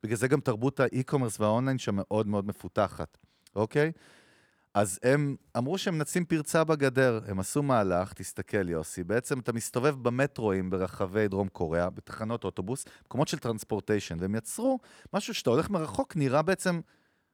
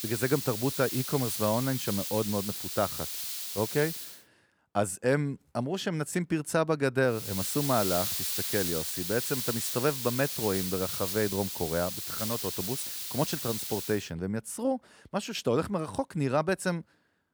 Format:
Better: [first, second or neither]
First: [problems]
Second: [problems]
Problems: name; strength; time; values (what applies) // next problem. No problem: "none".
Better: first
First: none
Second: hiss; loud; until 4 s and from 7 to 14 s; 2 dB below the speech